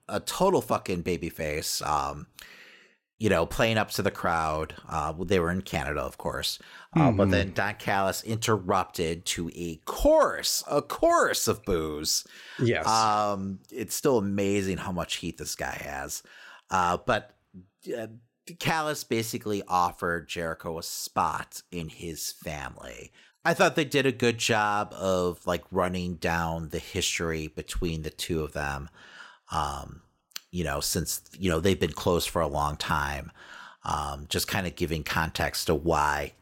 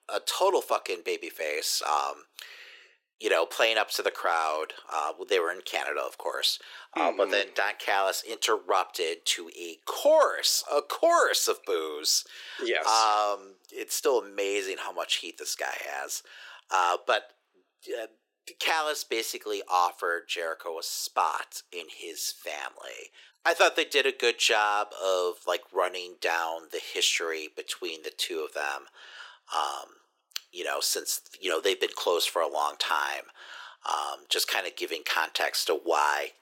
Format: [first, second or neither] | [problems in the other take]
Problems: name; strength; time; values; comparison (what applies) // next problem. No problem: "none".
first | thin; very; fading below 350 Hz